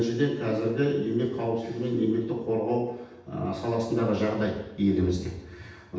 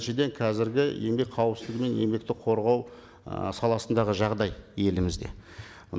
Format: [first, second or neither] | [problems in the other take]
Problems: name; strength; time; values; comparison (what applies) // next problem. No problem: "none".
second | room echo; dies away in 0.9 s